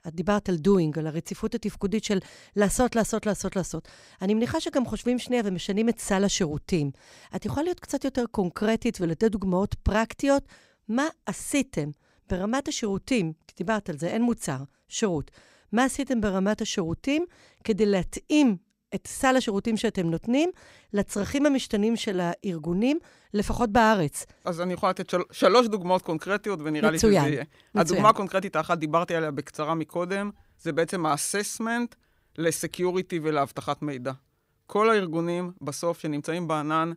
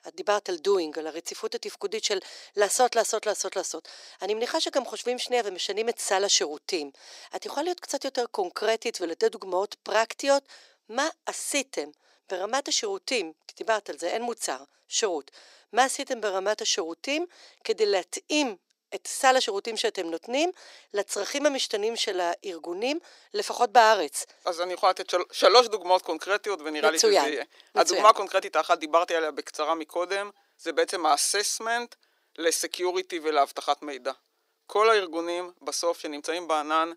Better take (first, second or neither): first